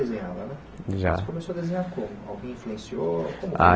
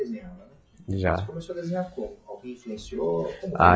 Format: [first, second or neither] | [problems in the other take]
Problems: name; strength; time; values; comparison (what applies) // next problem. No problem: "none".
first | noise reduction (classical method log-MMSE)